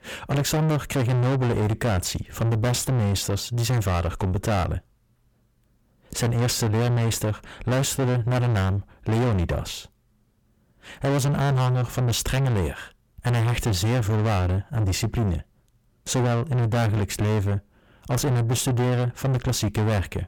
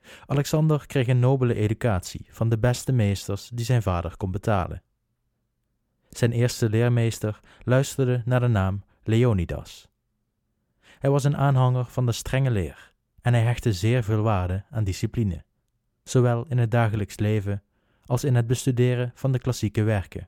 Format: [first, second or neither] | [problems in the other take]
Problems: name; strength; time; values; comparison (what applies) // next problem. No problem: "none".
second | distortion; heavy; 6 dB below the speech